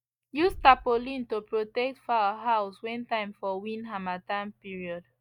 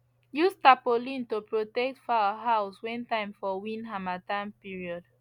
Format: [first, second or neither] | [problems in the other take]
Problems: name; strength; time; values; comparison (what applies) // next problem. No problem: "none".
second | noise reduction (neural mask model DeepFilterNet 3)